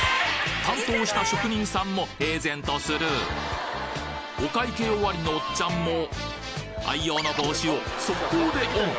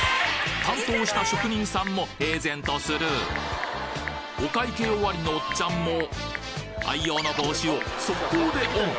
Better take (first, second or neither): first